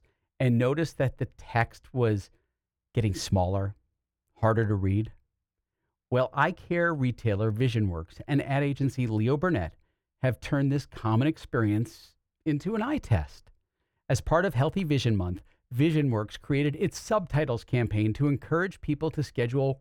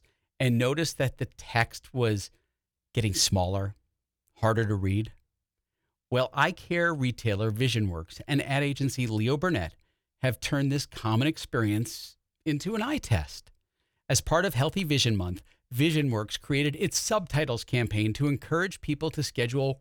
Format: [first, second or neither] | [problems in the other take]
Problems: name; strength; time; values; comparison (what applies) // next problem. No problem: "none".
second | muffled; slightly; fading above 2.5 kHz